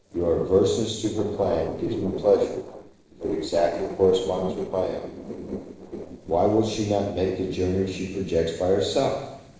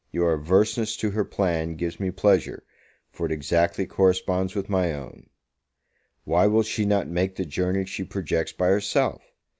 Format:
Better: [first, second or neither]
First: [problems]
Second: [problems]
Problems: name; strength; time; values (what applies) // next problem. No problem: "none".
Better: second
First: noise reduction (neural separator model SepFormer DNS4)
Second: none